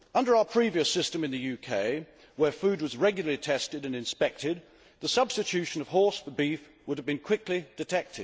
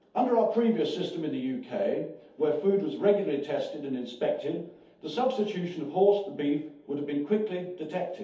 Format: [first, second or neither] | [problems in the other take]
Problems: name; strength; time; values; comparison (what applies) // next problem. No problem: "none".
first | room echo; dies away in 0.6 s